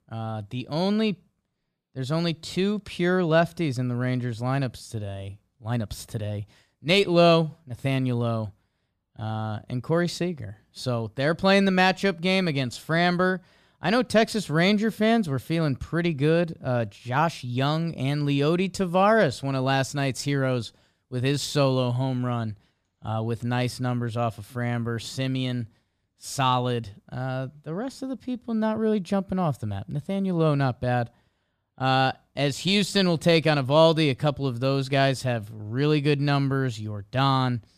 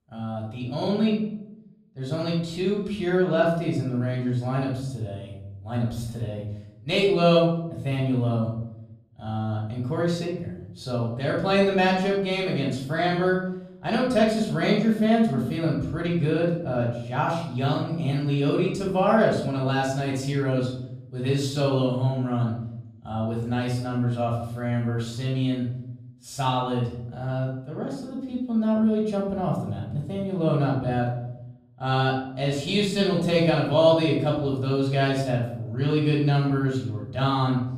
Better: first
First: none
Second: off-mic speech; far // room echo; noticeable; dies away in 0.8 s

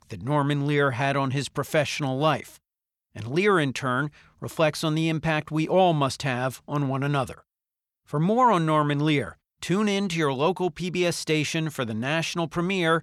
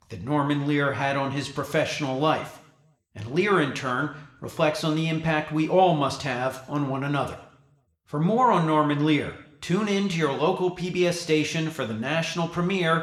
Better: first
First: none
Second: room echo; very slight; dies away in 0.7 s

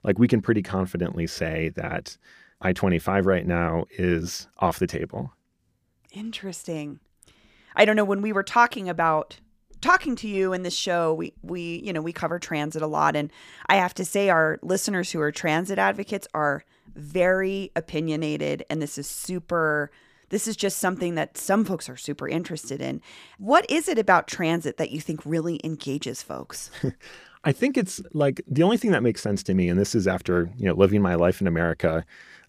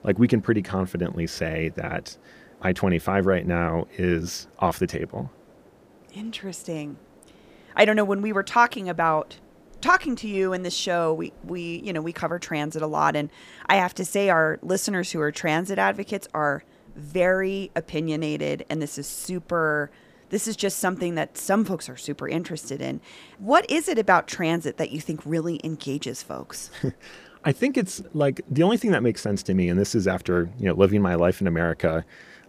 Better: first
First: none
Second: hiss; faint; throughout; 30 dB below the speech

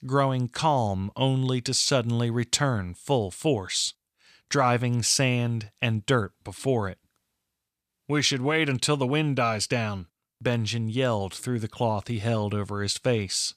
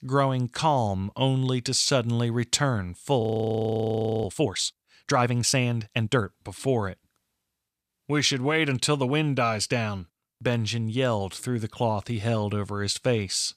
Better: first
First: none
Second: audio freezing; at 3 s for 1 s

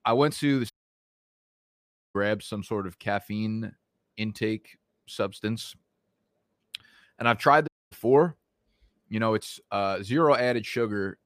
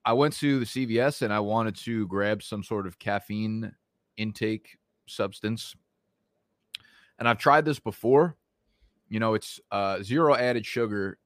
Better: second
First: audio cutting out; at 0.5 s for 1.5 s and at 7.5 s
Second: none

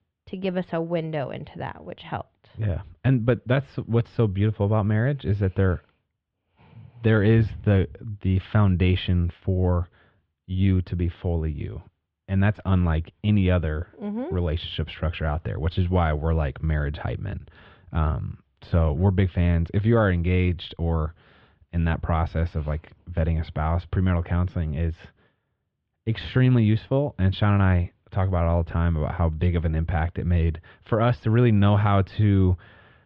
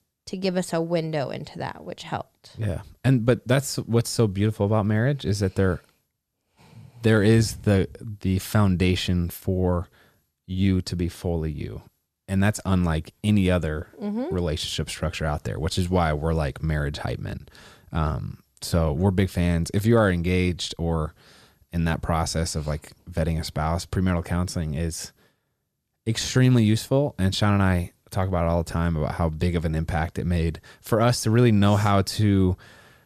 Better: second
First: muffled; very; fading above 3 kHz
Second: none

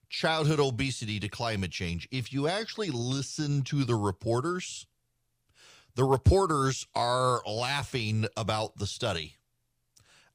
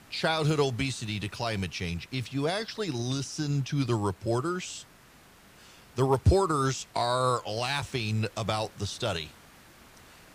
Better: first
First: none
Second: hiss; faint; throughout; 25 dB below the speech

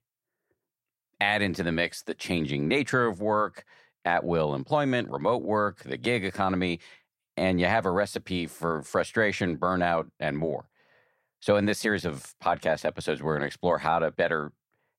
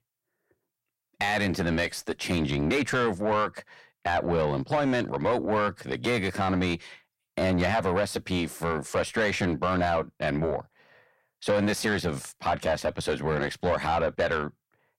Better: first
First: none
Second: distortion; heavy; 8 dB below the speech

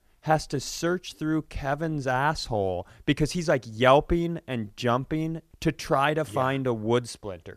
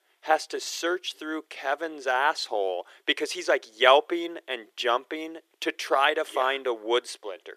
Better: first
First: none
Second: thin; very; fading below 350 Hz

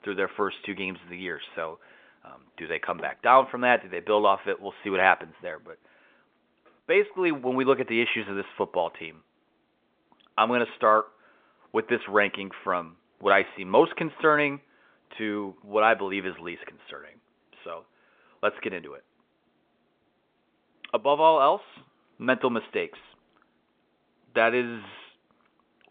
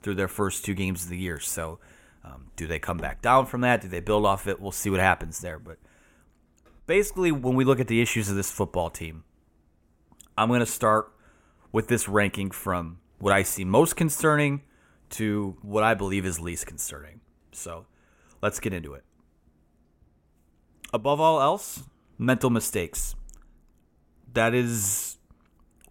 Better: second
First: phone-call audio; nothing above 3.5 kHz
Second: none

